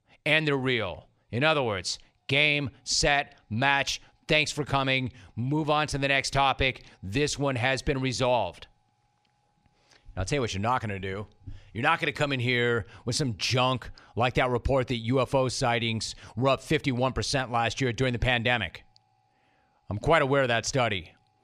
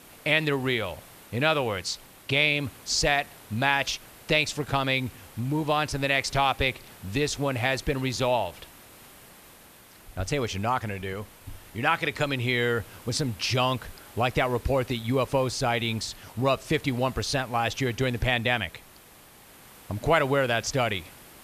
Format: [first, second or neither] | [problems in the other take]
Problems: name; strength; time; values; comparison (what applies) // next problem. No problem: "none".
first | hiss; faint; throughout; 20 dB below the speech